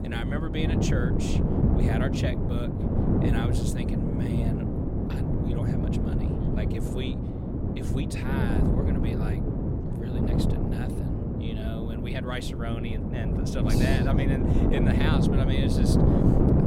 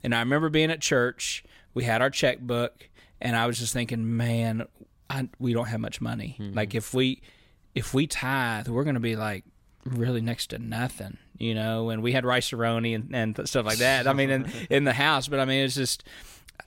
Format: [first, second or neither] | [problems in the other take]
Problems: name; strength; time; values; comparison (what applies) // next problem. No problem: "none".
second | wind noise on the microphone; heavy; 3 dB above the speech